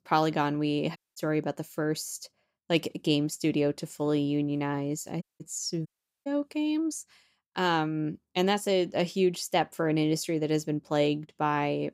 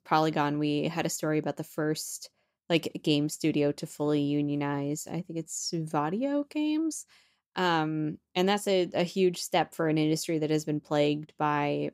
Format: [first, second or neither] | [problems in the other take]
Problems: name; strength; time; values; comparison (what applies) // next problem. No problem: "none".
second | audio cutting out; at 1 s, at 5 s and at 6 s